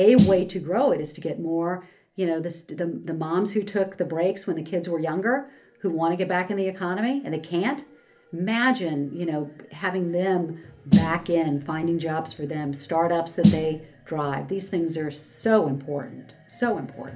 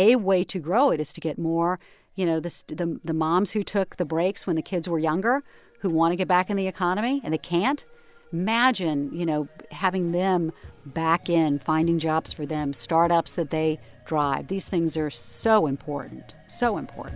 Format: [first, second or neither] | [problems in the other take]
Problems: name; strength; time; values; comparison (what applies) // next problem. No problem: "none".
second | background sound (Snare drum); 1 dB below the speech // room echo; dies away in 0.3 s